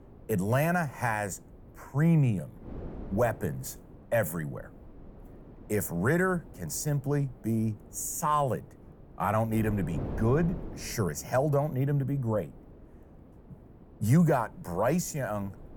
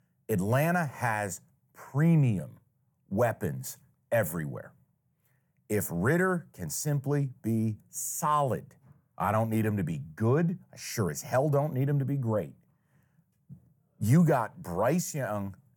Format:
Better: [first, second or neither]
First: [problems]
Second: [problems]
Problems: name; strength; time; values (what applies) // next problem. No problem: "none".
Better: second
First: wind noise on the microphone; occasional gusts; 20 dB below the speech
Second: none